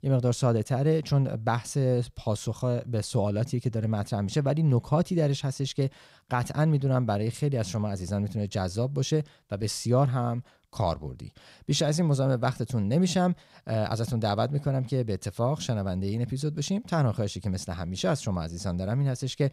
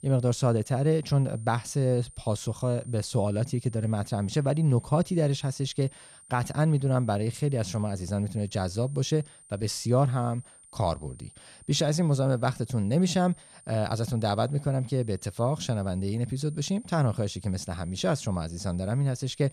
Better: first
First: none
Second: high-pitched whine; faint; throughout; 9 kHz, 25 dB below the speech

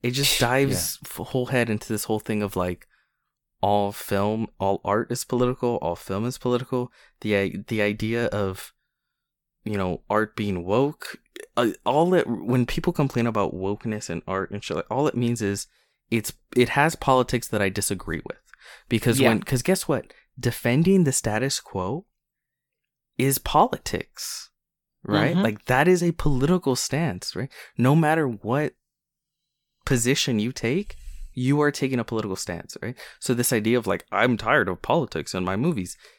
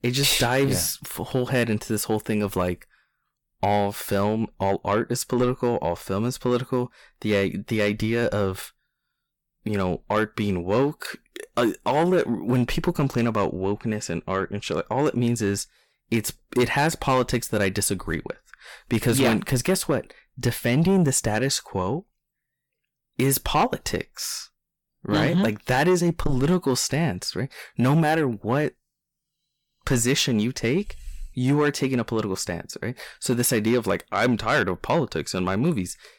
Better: first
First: none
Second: distortion; slight; 10 dB below the speech

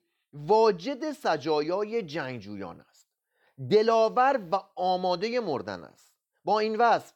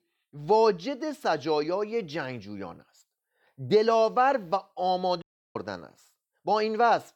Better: first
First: none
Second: audio cutting out; at 5 s

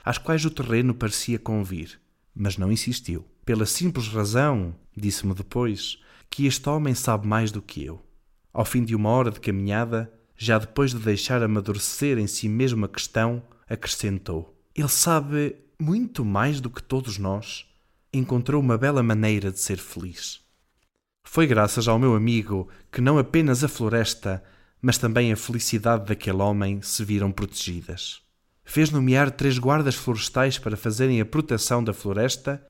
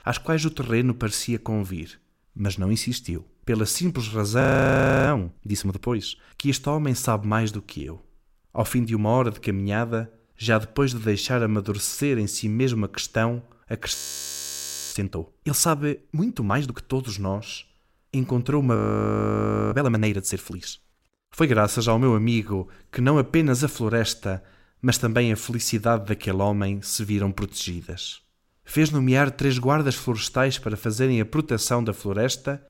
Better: first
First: none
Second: audio freezing; at 4.5 s for 0.5 s, at 14 s for 1 s and at 19 s for 1 s

